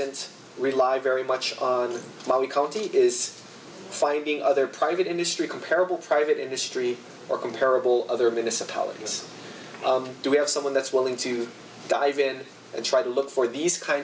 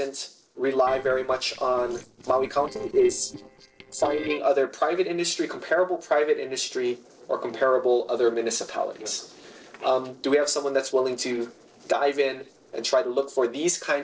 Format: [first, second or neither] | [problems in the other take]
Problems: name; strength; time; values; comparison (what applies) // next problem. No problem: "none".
first | noise reduction (neural separator model SepFormer DNS4)